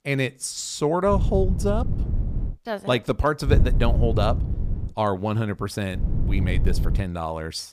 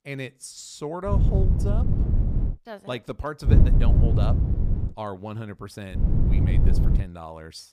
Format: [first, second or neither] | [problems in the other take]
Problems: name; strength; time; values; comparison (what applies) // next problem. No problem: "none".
first | wind noise on the microphone; heavy; from 1 to 2.5 s, from 3.5 to 5 s and from 6 to 7 s; 1 dB below the speech; occasional gusts in the first